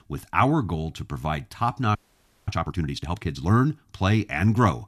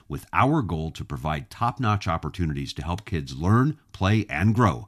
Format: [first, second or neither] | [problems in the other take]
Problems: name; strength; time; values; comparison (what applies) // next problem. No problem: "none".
second | audio freezing; at 2 s for 0.5 s